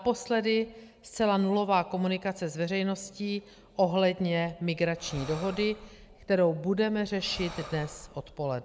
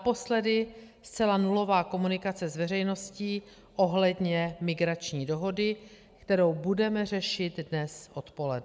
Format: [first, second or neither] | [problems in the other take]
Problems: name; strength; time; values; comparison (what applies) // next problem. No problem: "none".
second | background sound (Breathing); 17 dB below the speech